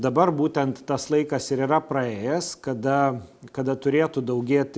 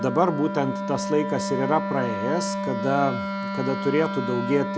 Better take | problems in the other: first | background sound (Wind instrument, woodwind instrument); 3 dB below the speech

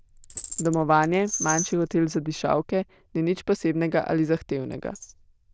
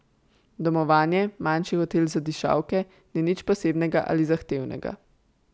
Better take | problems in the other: second | noise reduction (neural diffusion model UNIVERSE++)

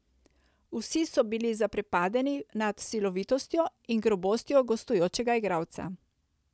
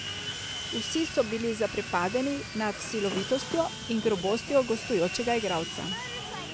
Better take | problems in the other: first | background sound (Sawing); 7 dB below the speech

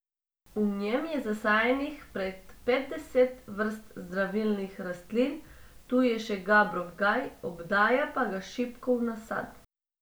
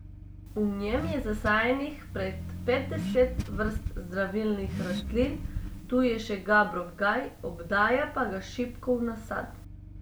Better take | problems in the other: first | background sound (Accelerating, revving, vroom / Car); 8 dB below the speech

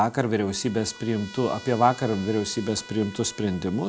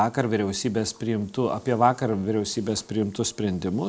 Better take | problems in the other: second | background sound (Trumpet); 19 dB below the speech

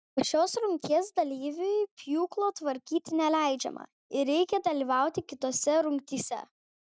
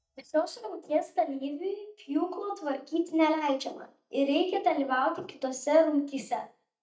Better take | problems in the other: first | noise reduction (neural mask model DeepFilterNet 3)

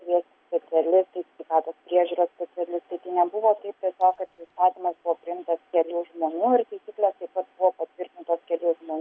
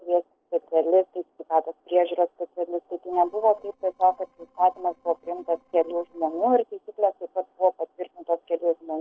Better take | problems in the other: first | noise reduction (neural separator model SepFormer DNS4)

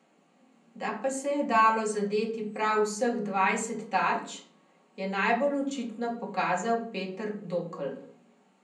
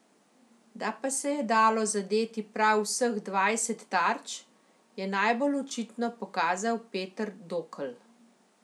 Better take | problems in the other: second | room echo; dies away in 0.6 s

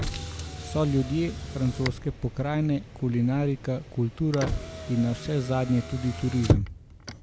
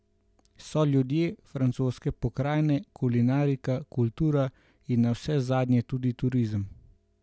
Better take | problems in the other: second | background sound (Motor vehicle (road)); 5 dB below the speech

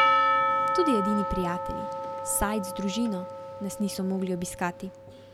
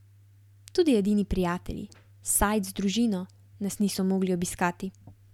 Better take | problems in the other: second | background sound (Percussion); 2 dB above the speech

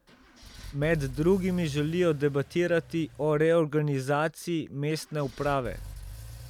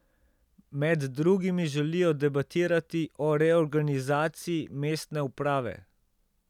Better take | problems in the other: second | background sound (Engine / Car); 17 dB below the speech

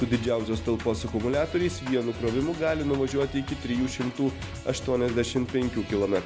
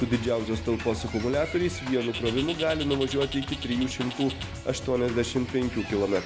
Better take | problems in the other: first | background sound (Bird); 13 dB below the speech

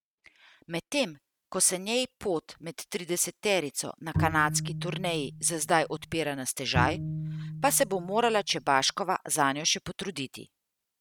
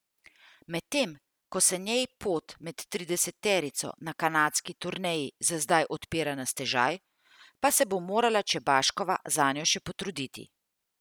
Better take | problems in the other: second | noise reduction (neural mask model RNNoise)

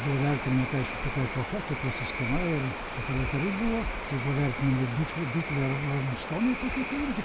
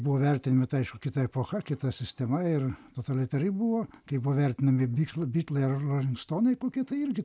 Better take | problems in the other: second | background sound (Waves, surf + Cricket / Frog); 4 dB below the speech

